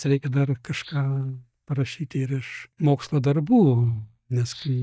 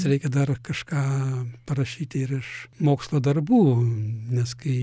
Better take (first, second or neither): second